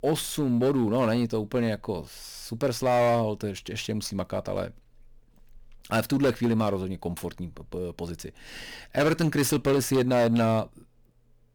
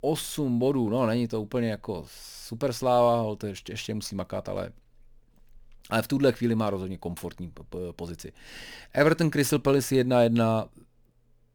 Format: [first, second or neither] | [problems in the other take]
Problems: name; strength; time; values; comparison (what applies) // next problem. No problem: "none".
second | distortion; slight; 6% of the sound clipped